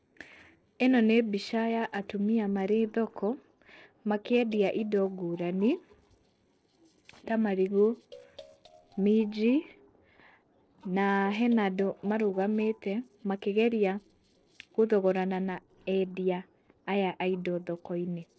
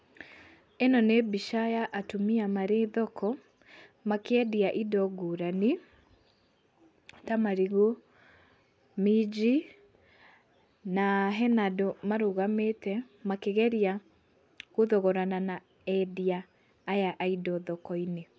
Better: second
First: noise reduction (neural separator model SepFormer DNS4)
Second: none

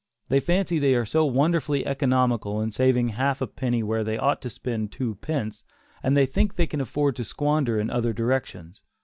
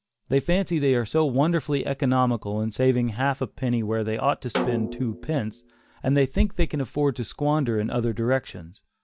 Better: first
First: none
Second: background sound (Snare drum); 9 dB below the speech

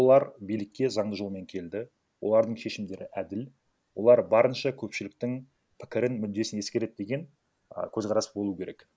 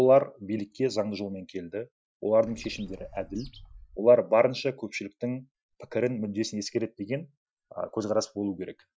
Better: first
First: none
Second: noise reduction (classical method Wiener filter)

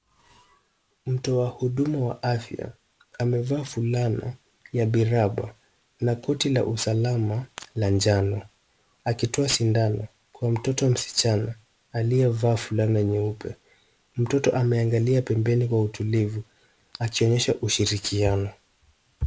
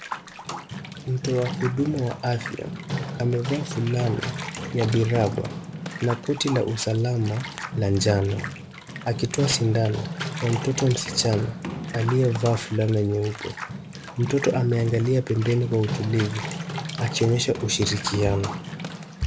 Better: first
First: none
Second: background sound (Bathtub (filling or washing) / Water + Run); 8 dB below the speech

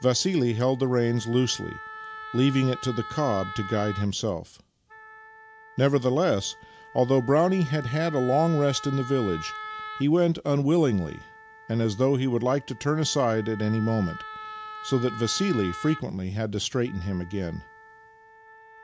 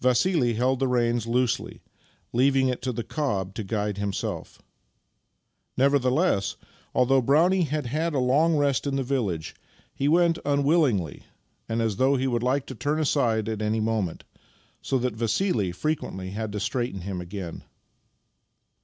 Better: second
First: background sound (Wind instrument, woodwind instrument); 15 dB below the speech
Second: none

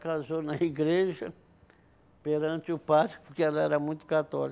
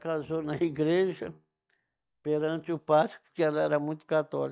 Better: first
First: none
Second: noise reduction (neural mask model DeepFilterNet 3)

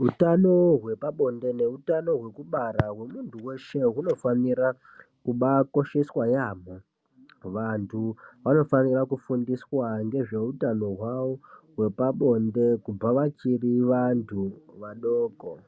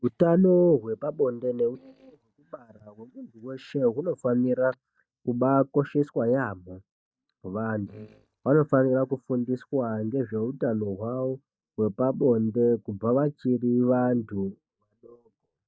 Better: first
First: none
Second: noise reduction (neural mask model DeepFilterNet 3)

